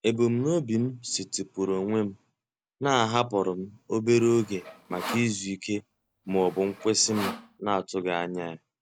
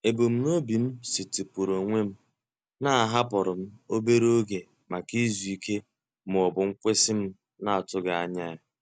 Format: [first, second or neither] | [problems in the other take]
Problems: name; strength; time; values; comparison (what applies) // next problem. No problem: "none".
second | background sound (Sawing); 13 dB below the speech